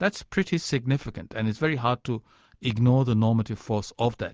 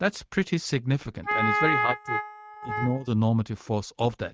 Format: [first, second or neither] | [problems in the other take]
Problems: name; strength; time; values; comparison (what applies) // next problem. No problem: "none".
first | noise reduction (neural mask model RNNoise)